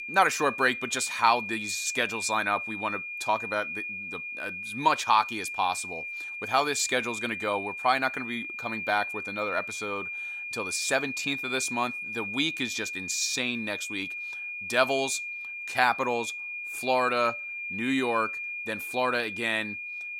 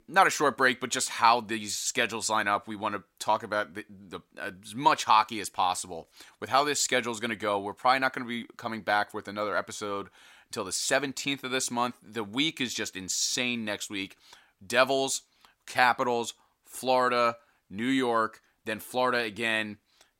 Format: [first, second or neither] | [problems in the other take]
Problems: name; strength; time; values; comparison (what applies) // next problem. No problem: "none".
second | high-pitched whine; loud; throughout; 2.5 kHz, 5 dB below the speech